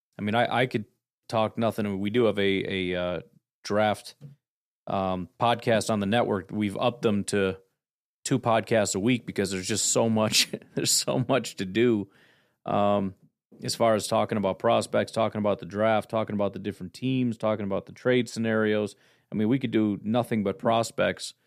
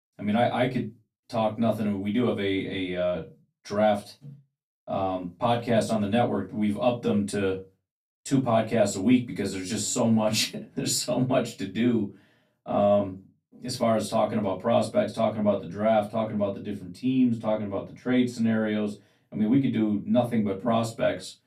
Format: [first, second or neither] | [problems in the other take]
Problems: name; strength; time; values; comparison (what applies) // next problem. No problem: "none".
first | off-mic speech; far // room echo; very slight; dies away in 0.2 s